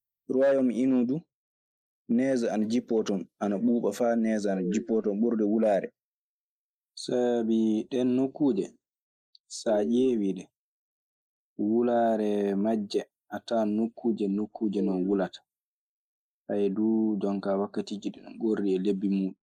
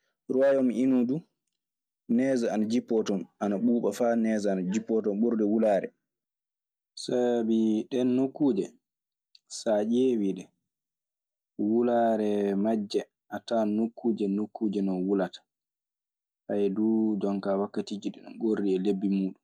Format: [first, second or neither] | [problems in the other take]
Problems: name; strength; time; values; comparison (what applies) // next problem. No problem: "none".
second | noise reduction (neural mask model Resemble Enhance denoiser)